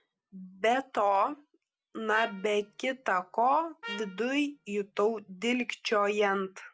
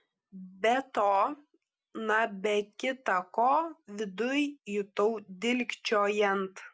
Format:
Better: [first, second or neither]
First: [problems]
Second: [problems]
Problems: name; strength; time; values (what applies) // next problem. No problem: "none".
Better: second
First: background sound (Trumpet); 15 dB below the speech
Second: none